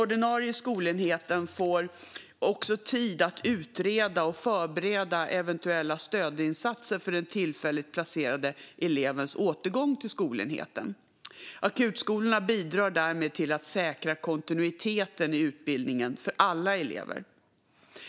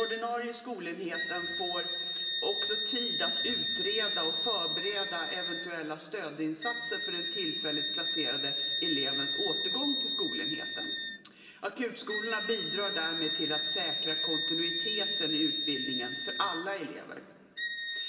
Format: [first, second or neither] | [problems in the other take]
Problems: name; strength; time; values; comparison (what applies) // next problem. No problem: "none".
first | background sound (Wind instrument, woodwind instrument); 4 dB above the speech // room echo; dies away in 2.7 s